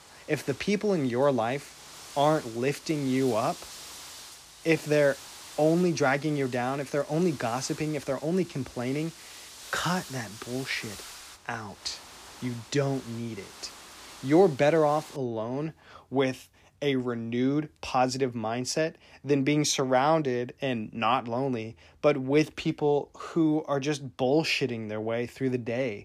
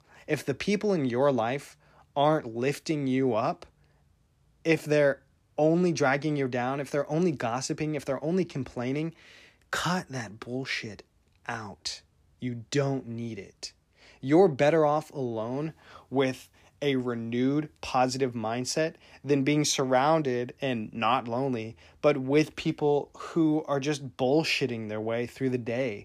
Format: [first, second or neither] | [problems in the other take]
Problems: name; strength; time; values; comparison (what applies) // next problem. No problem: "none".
second | wind noise on the microphone; occasional gusts; until 15 s; 15 dB below the speech